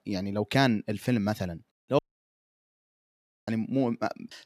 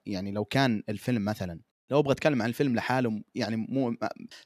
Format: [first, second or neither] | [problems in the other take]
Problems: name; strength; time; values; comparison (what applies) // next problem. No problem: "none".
second | audio cutting out; at 2 s for 1.5 s